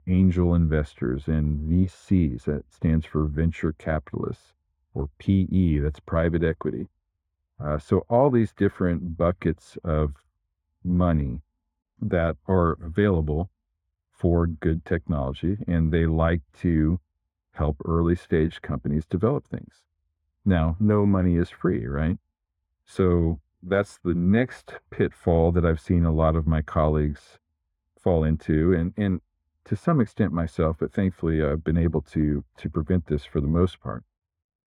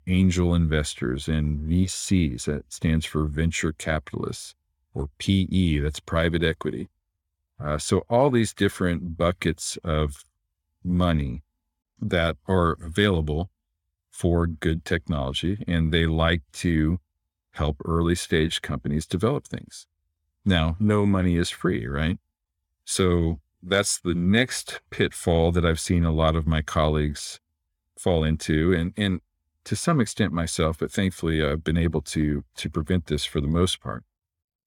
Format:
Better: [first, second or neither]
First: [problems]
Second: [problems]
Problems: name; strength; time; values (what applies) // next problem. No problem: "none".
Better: second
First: muffled; very; fading above 2.5 kHz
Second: none